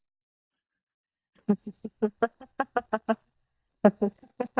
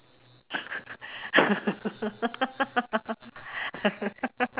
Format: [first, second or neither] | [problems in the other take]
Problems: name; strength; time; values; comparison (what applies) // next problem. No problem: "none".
second | noise reduction (neural mask model DeepFilterNet 3)